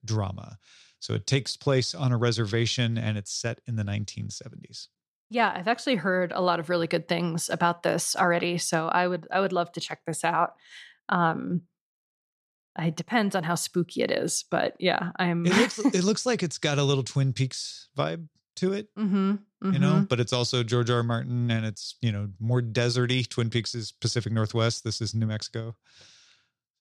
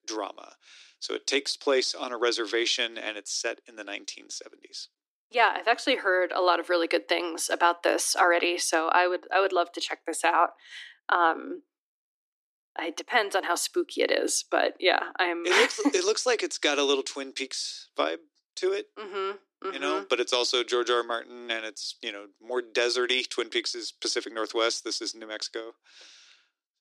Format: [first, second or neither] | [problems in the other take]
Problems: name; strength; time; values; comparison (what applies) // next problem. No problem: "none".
first | thin; very; fading below 300 Hz